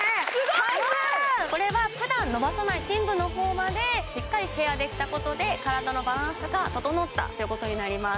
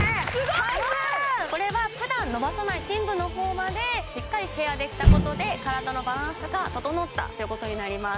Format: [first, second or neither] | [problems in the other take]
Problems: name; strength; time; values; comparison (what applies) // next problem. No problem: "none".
first | background sound (Motor vehicle (road)); 3 dB below the speech